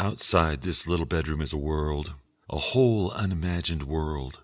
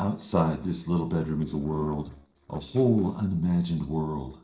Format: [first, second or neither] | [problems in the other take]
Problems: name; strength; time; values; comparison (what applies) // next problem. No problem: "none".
first | noise reduction (neural separator model SepFormer DNS4)